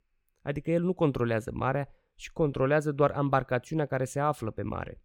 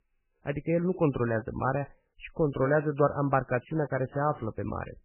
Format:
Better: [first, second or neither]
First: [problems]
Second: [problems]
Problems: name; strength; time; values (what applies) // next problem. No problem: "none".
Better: first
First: none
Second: garbled, watery; badly; nothing above 2.5 kHz